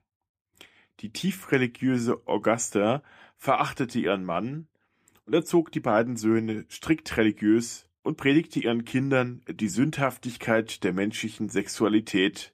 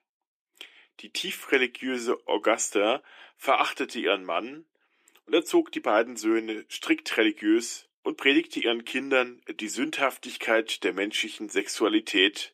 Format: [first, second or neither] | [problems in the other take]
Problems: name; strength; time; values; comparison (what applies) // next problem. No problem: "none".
first | thin; somewhat; fading below 350 Hz